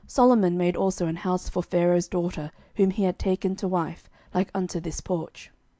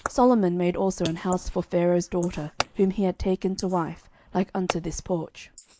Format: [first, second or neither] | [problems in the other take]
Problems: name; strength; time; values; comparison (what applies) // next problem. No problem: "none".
first | noise reduction (neural mask model Resemble Enhance denoiser)